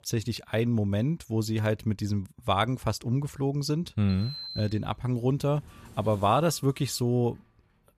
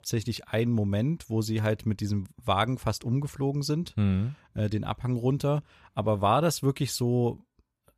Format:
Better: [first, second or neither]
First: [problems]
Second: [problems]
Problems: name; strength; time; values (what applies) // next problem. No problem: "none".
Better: second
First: door banging; noticeable; from 4 to 7 s; peak 8 dB below the speech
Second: none